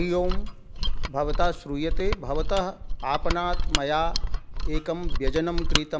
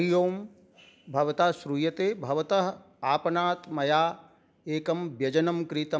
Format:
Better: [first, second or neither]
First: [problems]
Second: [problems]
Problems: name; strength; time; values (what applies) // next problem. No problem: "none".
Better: second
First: background sound (Mechanisms); 3 dB above the speech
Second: none